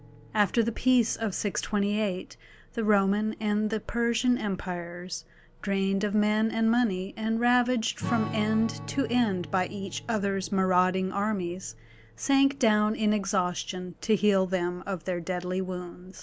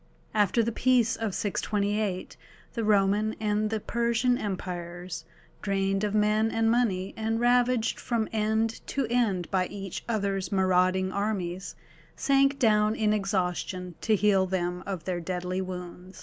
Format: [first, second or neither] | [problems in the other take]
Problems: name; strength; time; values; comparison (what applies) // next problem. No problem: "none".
second | background sound (Strum); 18 dB below the speech